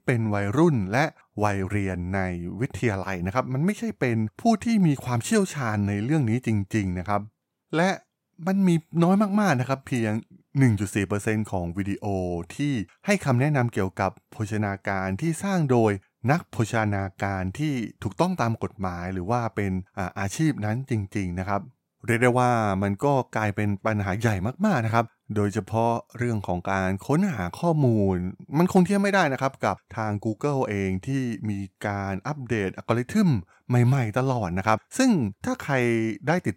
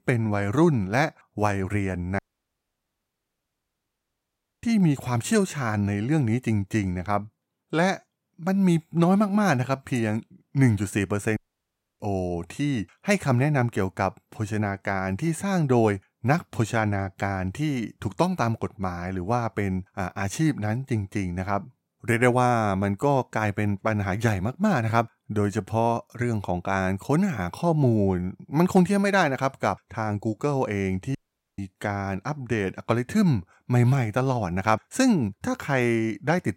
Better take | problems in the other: first | audio cutting out; at 2 s for 2.5 s, at 11 s for 0.5 s and at 31 s

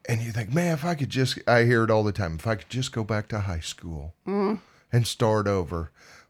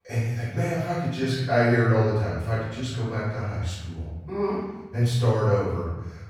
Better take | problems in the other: first | off-mic speech; far // room echo; strong; dies away in 1.2 s

